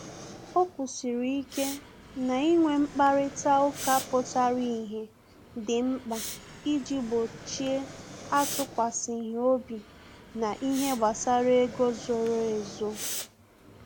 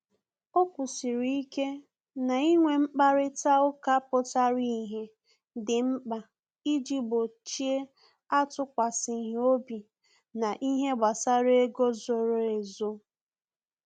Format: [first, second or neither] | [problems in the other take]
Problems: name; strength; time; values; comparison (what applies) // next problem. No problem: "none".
second | background sound (Fixed-wing aircraft, airplane + Respiratory sounds); 13 dB below the speech